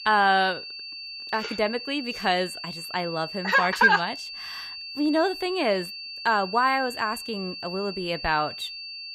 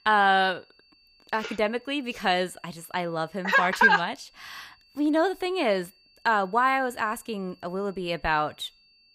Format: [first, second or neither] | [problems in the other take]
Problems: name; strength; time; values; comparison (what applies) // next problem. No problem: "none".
second | high-pitched whine; loud; throughout; 4.5 kHz, 10 dB below the speech; faint in the second